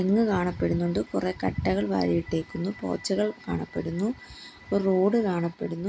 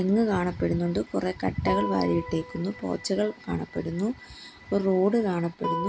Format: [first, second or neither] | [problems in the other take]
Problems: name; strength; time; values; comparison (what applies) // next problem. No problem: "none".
first | background sound (Guitar); 12 dB below the speech